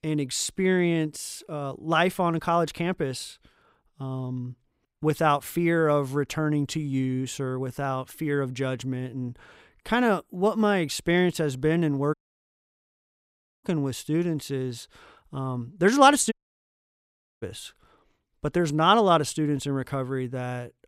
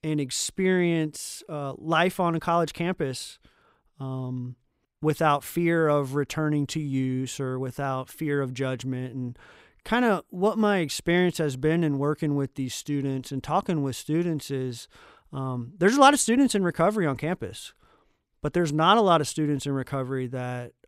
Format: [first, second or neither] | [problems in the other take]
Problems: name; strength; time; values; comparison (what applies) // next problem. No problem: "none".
second | audio cutting out; at 12 s for 1.5 s and at 16 s for 1 s